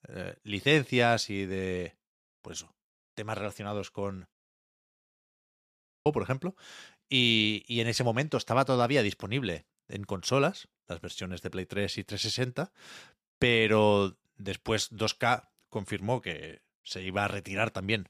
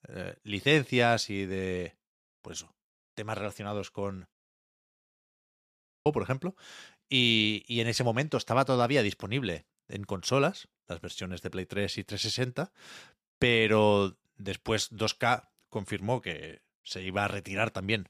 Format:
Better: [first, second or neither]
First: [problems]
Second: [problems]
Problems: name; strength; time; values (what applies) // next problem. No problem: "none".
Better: neither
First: audio cutting out; at 4.5 s for 1.5 s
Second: audio cutting out; at 4.5 s for 1.5 s